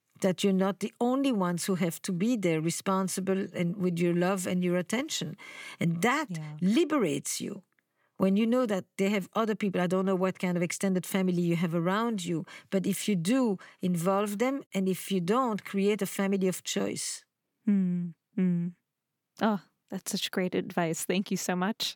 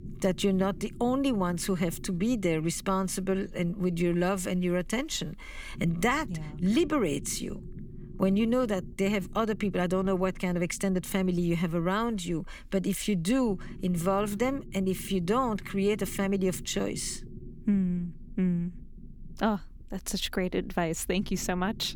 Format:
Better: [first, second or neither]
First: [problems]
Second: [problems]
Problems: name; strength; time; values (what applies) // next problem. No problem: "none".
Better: first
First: none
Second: low rumble; faint; throughout; 20 dB below the speech